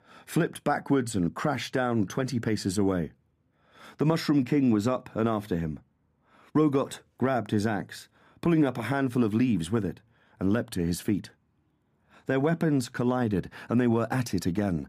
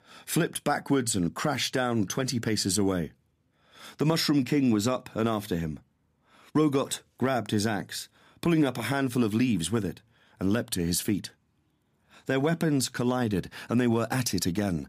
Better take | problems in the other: second | muffled; slightly; fading above 2.5 kHz

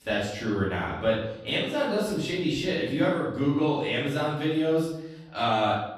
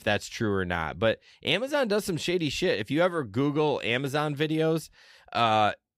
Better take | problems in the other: second | off-mic speech; far // room echo; noticeable; dies away in 0.7 s

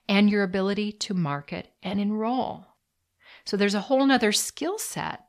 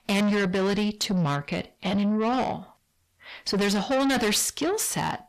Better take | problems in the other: first | distortion; heavy; 6 dB below the speech

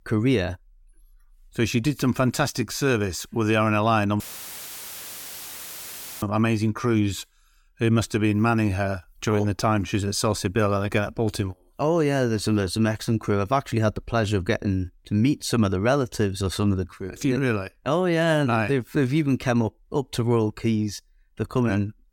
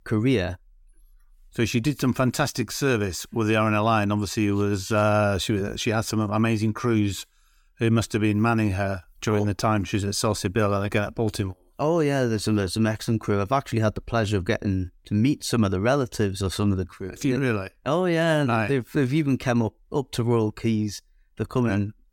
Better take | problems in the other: second | audio cutting out; filled with static; at 4 s for 2 s

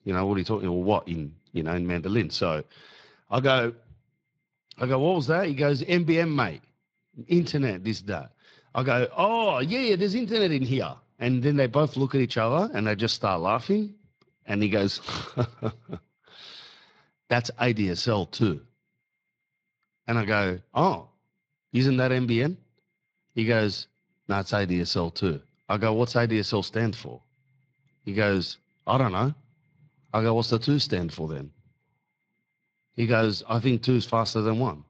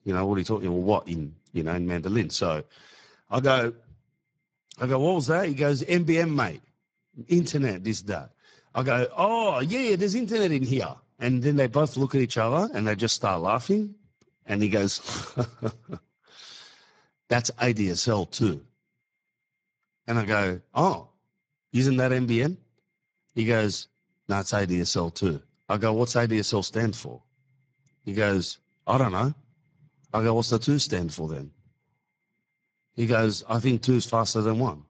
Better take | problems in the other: first | garbled, watery; badly; nothing above 7.5 kHz; slightly in the first

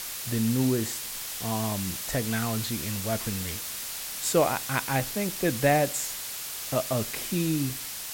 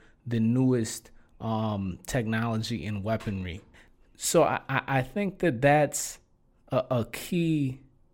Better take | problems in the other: second | hiss; loud; throughout; 4 dB below the speech

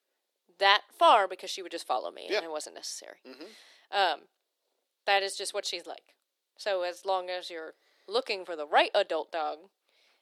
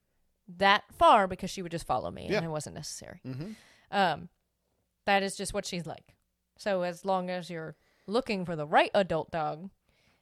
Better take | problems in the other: second | thin; very; fading below 300 Hz

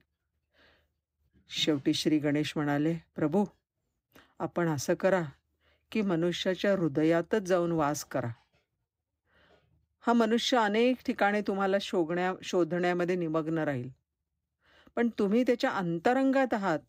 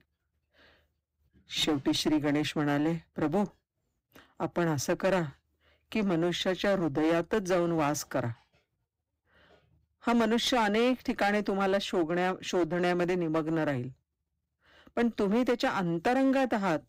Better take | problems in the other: first | distortion; slight; 10% of the sound clipped

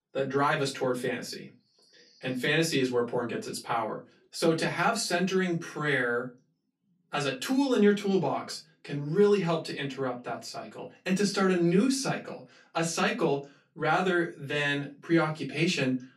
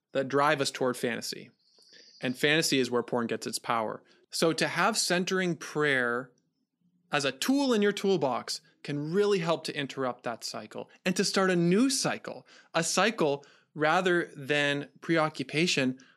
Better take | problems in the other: second | off-mic speech; far // room echo; very slight; dies away in 0.2 s

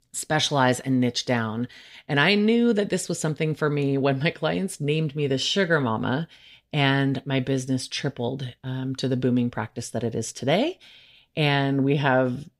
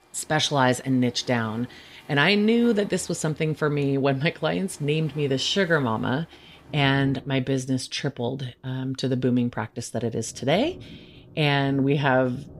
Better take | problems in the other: first | rain or running water; faint; throughout; 25 dB below the speech

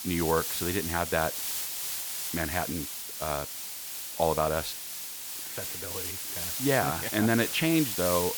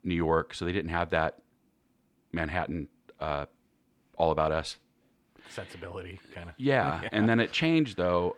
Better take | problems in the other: second | hiss; loud; throughout; 3 dB below the speech

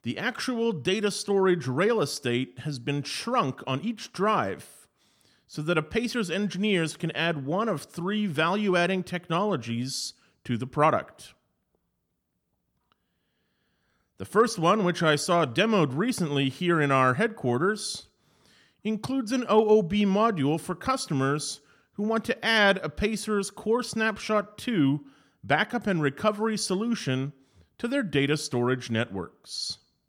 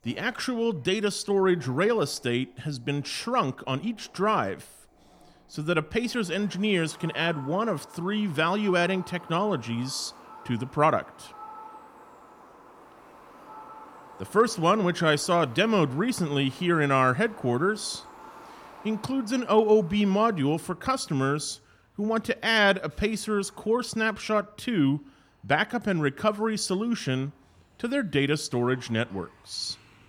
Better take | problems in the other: first | animal sounds; faint; throughout; 20 dB below the speech

